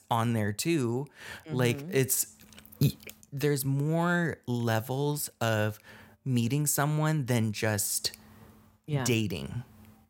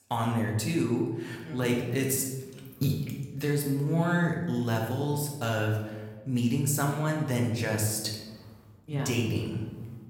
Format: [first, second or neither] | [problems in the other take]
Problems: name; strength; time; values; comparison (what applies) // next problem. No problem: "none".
first | room echo; noticeable; dies away in 1 s // off-mic speech; somewhat distant